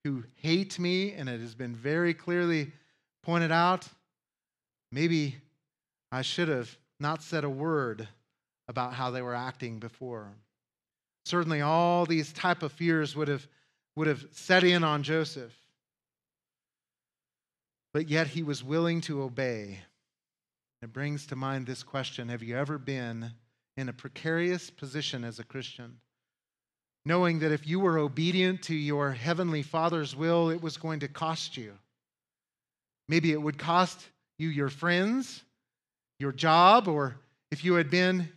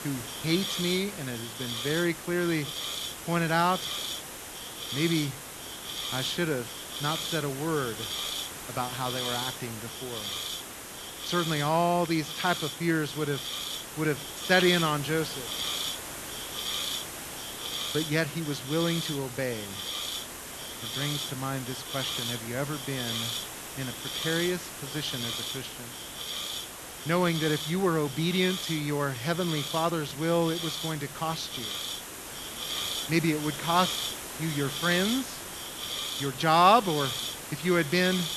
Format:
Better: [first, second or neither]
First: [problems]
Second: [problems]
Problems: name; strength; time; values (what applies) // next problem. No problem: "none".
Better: first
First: none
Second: hiss; loud; throughout; 5 dB below the speech